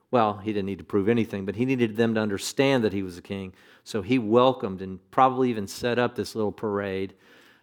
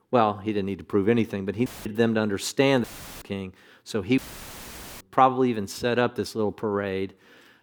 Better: first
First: none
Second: audio cutting out; filled with static; at 1.5 s, at 3 s and at 4 s for 1 s

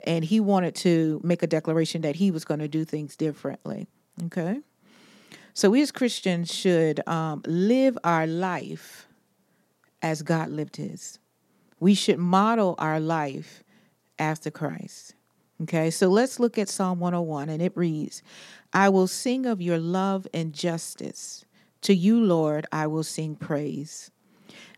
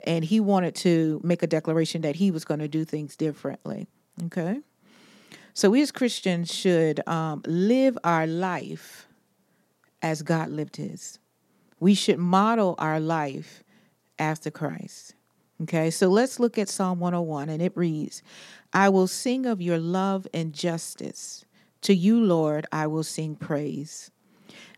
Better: neither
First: none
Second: none

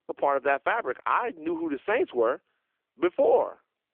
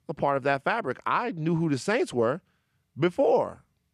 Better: second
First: phone-call audio; poor line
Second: none

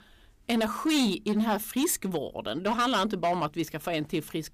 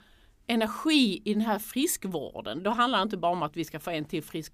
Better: second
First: distortion; slight; 9% of the sound clipped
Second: none

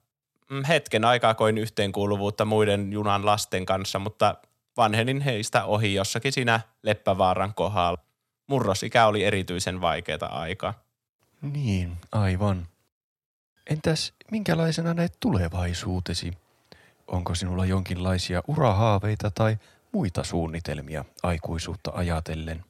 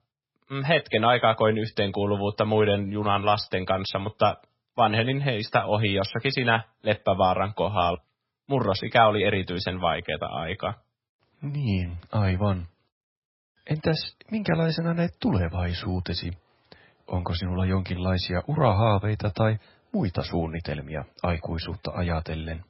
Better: first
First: none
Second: garbled, watery; badly; nothing above 5.5 kHz

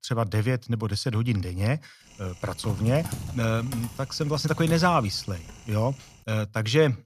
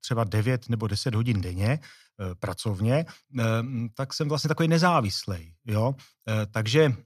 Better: second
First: keyboard typing; noticeable; from 2.5 to 5.5 s; peak 7 dB below the speech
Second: none

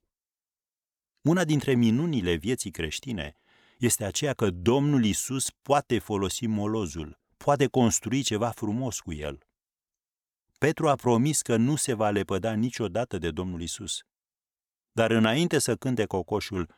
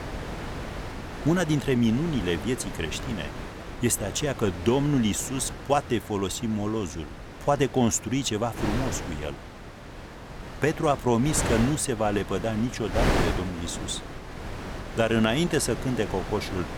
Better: first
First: none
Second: wind noise on the microphone; heavy; 8 dB below the speech

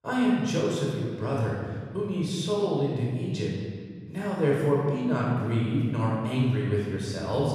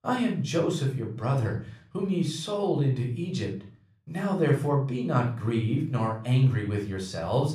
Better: second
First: room echo; strong; dies away in 1.6 s // off-mic speech; far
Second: room echo; slight; dies away in 0.4 s // off-mic speech; somewhat distant

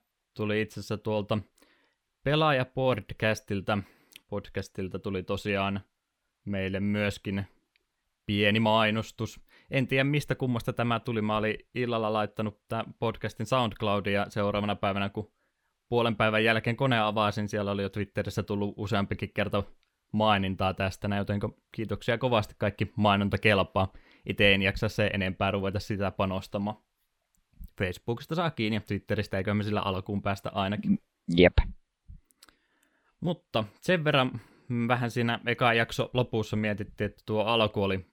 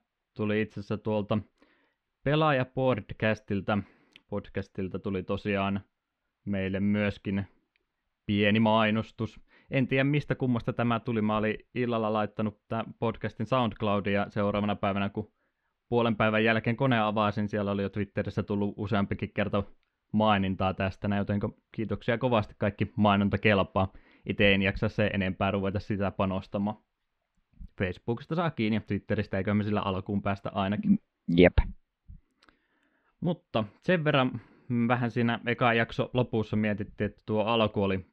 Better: first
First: none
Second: muffled; slightly; fading above 3 kHz

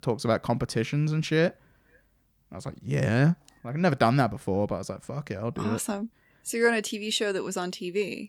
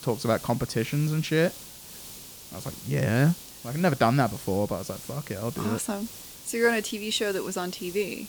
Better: first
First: none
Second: hiss; noticeable; throughout; 15 dB below the speech

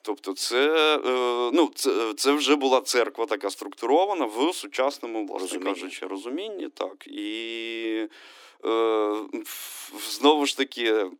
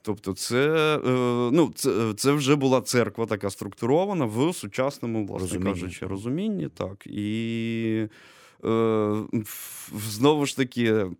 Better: second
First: thin; somewhat; fading below 300 Hz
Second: none

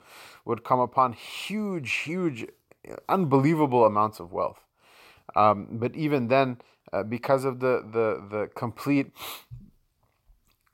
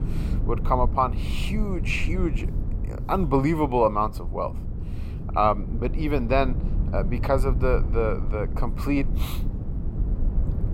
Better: first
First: none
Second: low rumble; noticeable; throughout; 15 dB below the speech

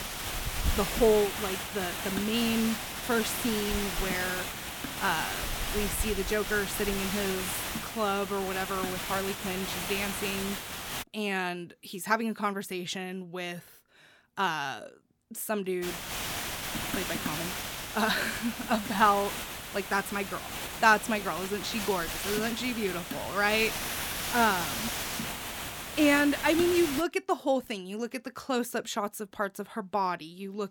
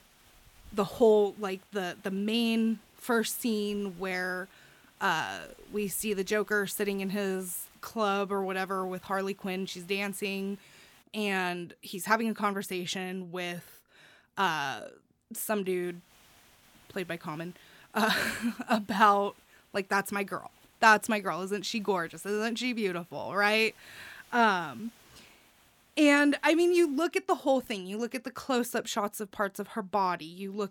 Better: second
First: hiss; loud; until 11 s and from 16 to 27 s; 4 dB below the speech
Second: hiss; faint; until 11 s and from 16 to 27 s; 30 dB below the speech

